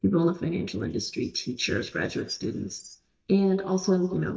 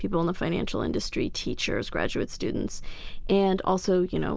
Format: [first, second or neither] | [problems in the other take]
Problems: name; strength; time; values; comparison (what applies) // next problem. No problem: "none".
second | noise reduction (neural mask model DeepFilterNet 3)